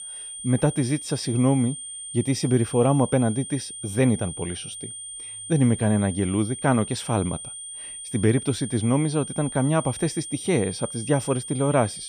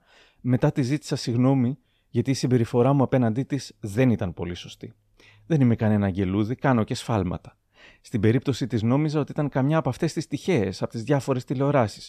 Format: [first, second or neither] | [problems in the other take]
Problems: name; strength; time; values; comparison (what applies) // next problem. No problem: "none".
second | high-pitched whine; loud; throughout; 9 kHz, 10 dB below the speech